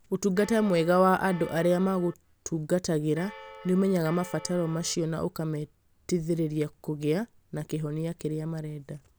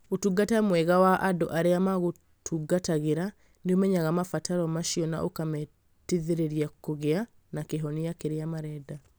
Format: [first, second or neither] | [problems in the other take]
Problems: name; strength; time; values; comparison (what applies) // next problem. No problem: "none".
second | background sound (Bell); 18 dB below the speech